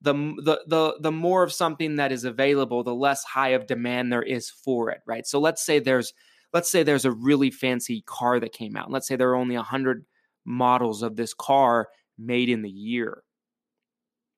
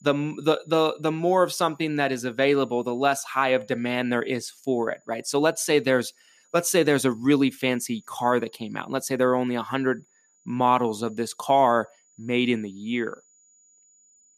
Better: first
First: none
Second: high-pitched whine; faint; throughout; 7 kHz, 35 dB below the speech

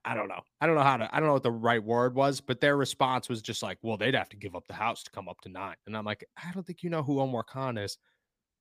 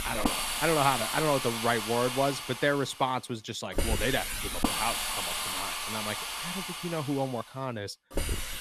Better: first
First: none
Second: hiss; loud; throughout; 1 dB below the speech

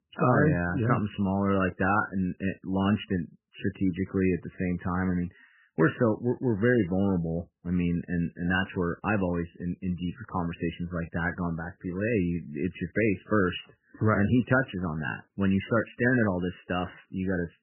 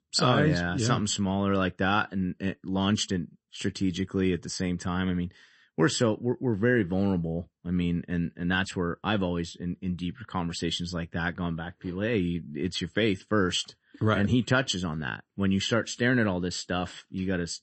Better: second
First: garbled, watery; badly; nothing above 3 kHz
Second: garbled, watery; slightly; nothing above 8 kHz

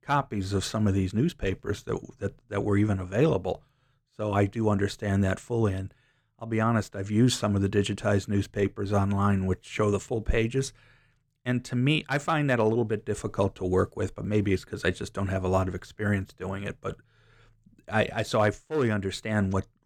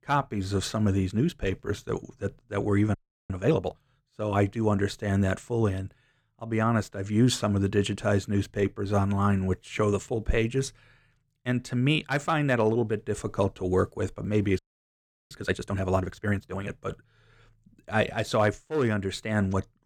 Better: first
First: none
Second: audio freezing; at 3 s and at 15 s for 0.5 s

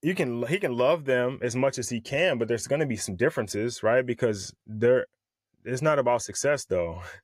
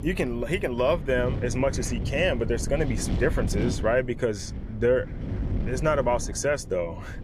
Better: first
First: none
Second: wind noise on the microphone; occasional gusts; 15 dB below the speech

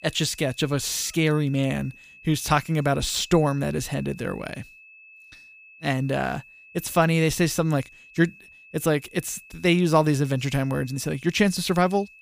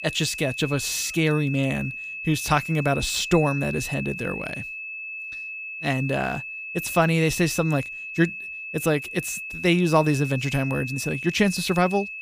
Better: first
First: high-pitched whine; faint; throughout; 2.5 kHz, 25 dB below the speech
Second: high-pitched whine; loud; throughout; 2.5 kHz, 8 dB below the speech

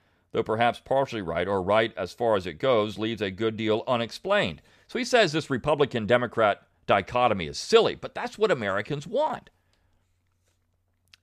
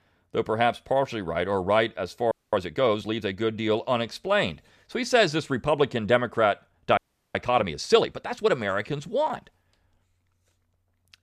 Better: first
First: none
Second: audio freezing; at 2.5 s and at 7 s

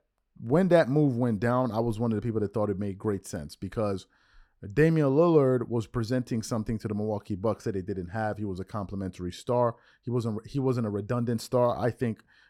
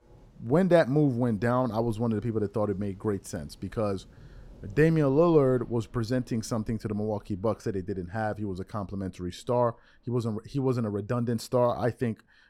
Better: first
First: none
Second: rain or running water; faint; throughout; 30 dB below the speech

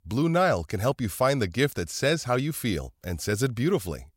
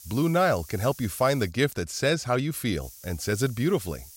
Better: first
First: none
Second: hiss; noticeable; until 1.5 s and from 3 s on; 20 dB below the speech

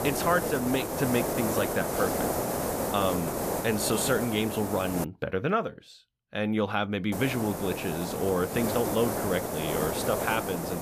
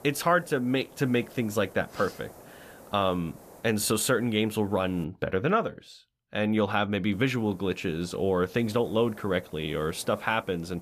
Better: second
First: hiss; loud; until 5 s and from 7 s on; 2 dB below the speech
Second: hiss; faint; until 5 s and from 7 s on; 25 dB below the speech

